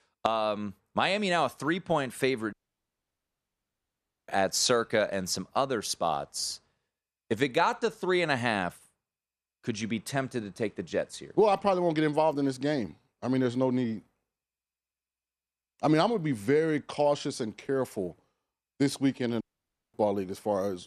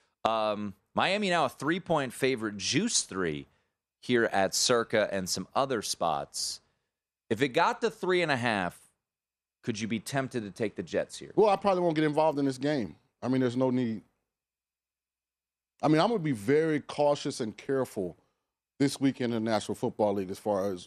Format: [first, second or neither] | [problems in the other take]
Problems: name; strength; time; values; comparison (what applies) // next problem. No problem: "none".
second | audio cutting out; at 2.5 s for 2 s and at 19 s for 0.5 s